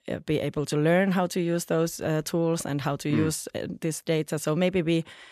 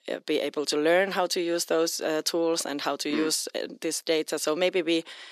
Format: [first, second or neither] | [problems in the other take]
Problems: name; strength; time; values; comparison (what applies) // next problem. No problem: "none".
first | thin; somewhat; fading below 300 Hz